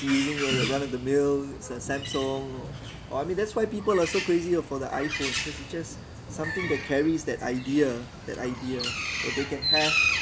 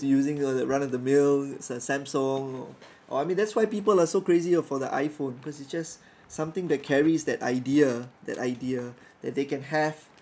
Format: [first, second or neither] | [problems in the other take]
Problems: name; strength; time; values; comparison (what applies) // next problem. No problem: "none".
second | background sound (Bird); 4 dB below the speech